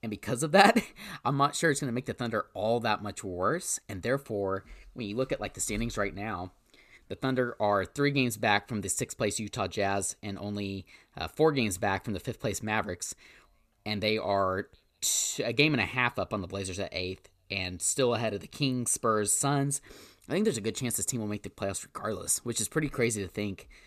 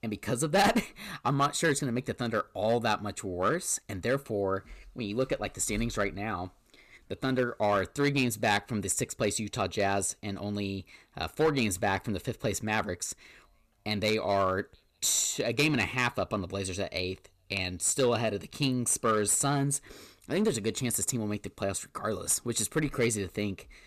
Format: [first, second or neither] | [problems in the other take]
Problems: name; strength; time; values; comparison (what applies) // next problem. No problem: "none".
first | distortion; slight; 3% of the sound clipped